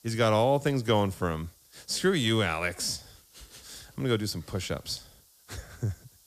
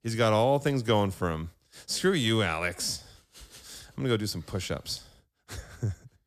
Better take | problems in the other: second | hiss; faint; throughout; 30 dB below the speech

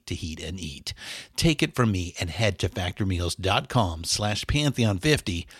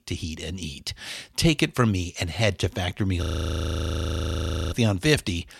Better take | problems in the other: first | audio freezing; at 3 s for 1.5 s

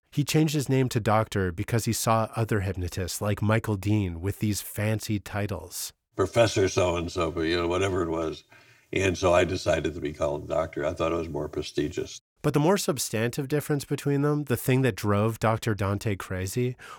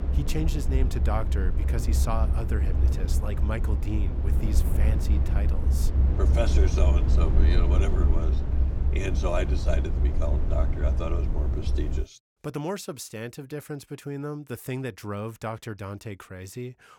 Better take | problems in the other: first | low rumble; loud; until 12 s; 5 dB below the speech

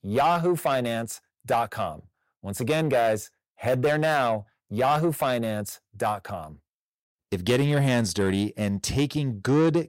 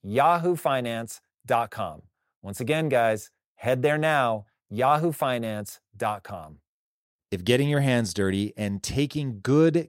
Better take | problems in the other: second | distortion; slight; 10 dB below the speech

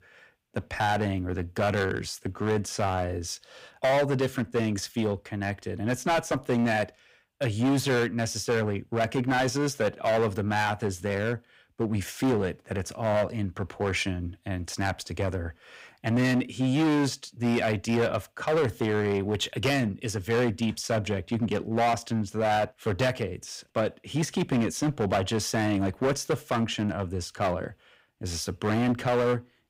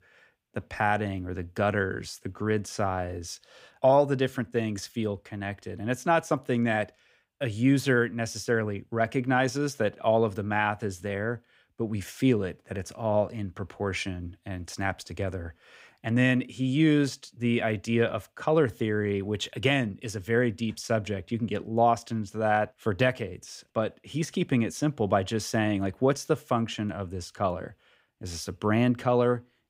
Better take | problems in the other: second | distortion; heavy; 11% of the sound clipped

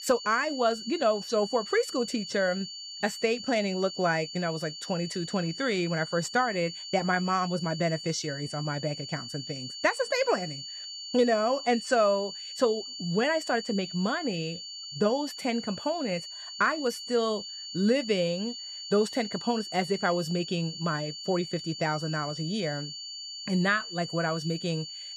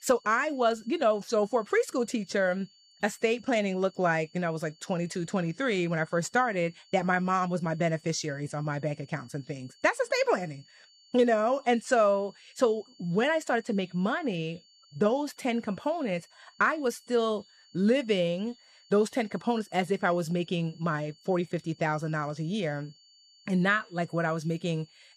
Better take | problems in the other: second | high-pitched whine; loud; throughout; 4.5 kHz, 9 dB below the speech; faint in the second

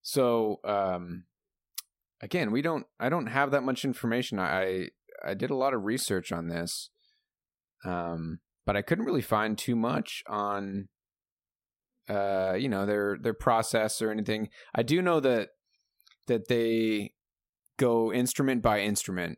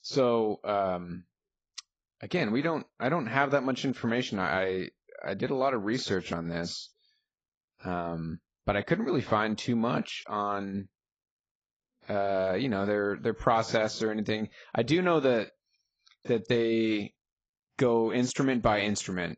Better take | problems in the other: first | garbled, watery; badly; nothing above 8 kHz

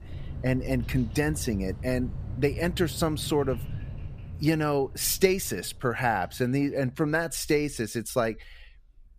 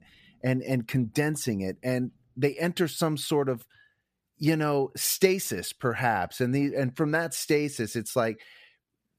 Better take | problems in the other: second | animal sounds; noticeable; throughout; 10 dB below the speech

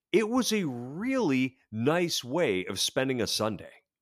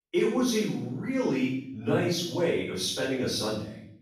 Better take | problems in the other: first | off-mic speech; far // room echo; noticeable; dies away in 0.7 s

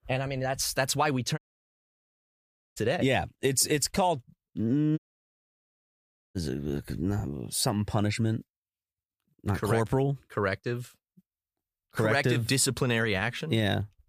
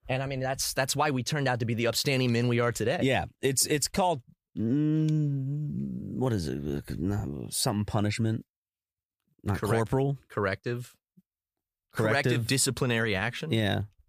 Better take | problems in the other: second | audio cutting out; at 1.5 s for 1.5 s and at 5 s for 1.5 s

